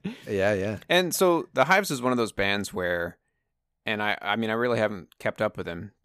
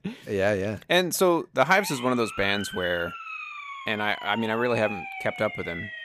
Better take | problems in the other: first | siren; noticeable; from 1.5 s on; peak 8 dB below the speech

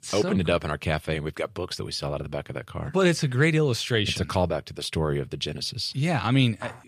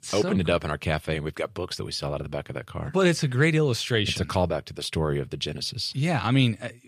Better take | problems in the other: second | footsteps; very faint; at 6.5 s; peak 15 dB below the speech

